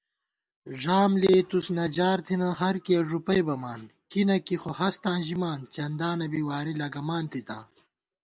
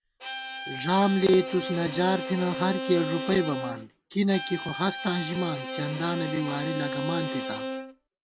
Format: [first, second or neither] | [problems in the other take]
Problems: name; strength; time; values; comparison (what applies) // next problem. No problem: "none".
first | background sound (Bowed string instrument); 7 dB below the speech